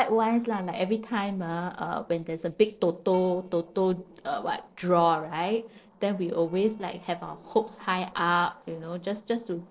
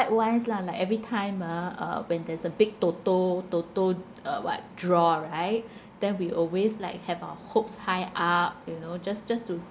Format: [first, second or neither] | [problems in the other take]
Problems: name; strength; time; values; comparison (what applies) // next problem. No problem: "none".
second | noise reduction (neural separator model SepFormer DNS4)